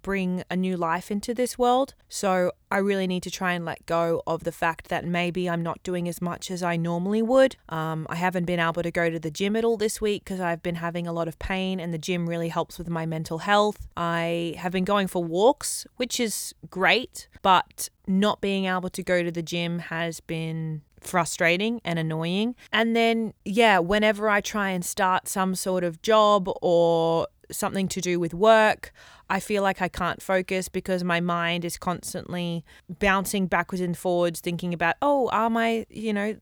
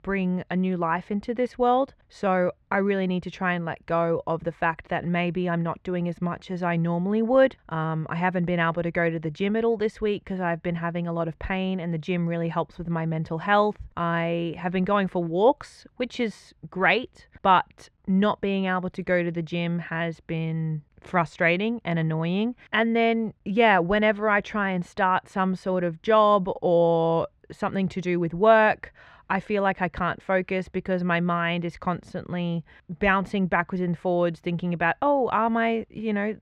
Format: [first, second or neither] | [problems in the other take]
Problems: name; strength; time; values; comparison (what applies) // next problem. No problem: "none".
first | muffled; very; fading above 2 kHz